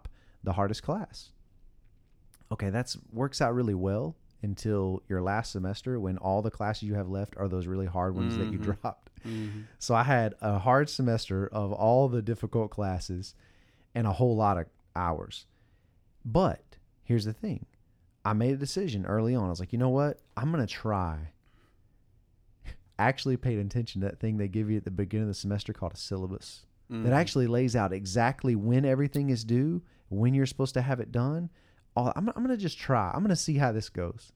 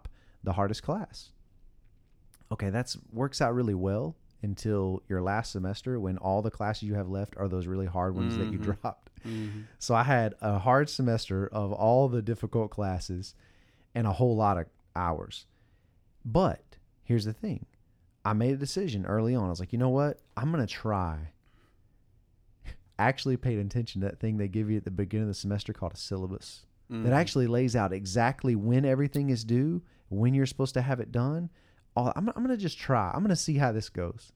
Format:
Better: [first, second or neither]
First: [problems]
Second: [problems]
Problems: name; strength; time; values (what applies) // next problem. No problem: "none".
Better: neither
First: none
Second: none